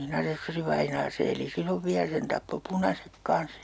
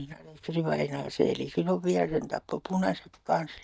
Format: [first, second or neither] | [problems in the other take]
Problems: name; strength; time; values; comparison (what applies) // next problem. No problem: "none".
first | noise reduction (neural mask model DeepFilterNet 3)